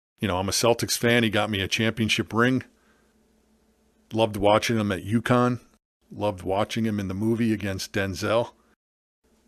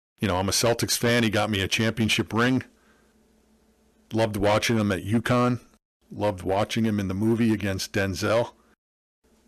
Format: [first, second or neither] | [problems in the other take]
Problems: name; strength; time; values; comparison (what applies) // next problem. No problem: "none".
first | distortion; slight; 6% of the sound clipped